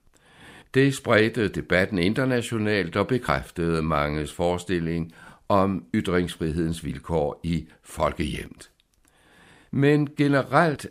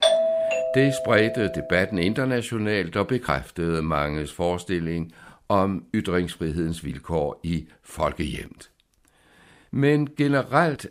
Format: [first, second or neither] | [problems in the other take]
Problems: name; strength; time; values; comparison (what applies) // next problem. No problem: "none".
first | doorbell; loud; until 1.5 s; peak 5 dB above the speech